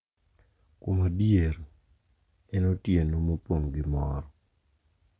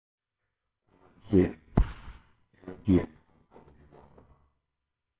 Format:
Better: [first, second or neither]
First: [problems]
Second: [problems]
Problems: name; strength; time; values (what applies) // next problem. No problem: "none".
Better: first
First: none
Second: noise reduction (neural separator model SepFormer WHAMR!)